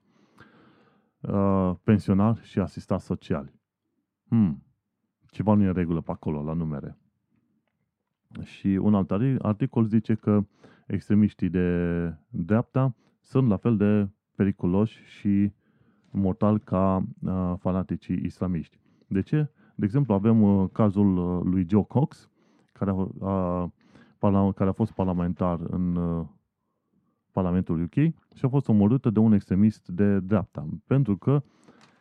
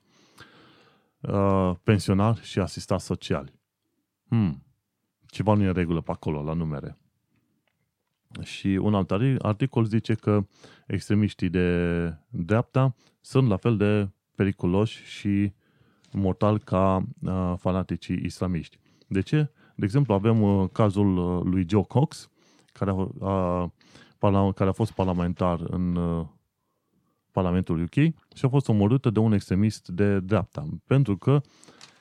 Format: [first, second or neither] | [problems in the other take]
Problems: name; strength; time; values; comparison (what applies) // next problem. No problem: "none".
second | muffled; slightly; fading above 2.5 kHz